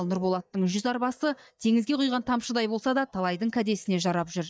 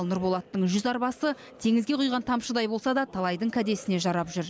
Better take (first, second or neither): second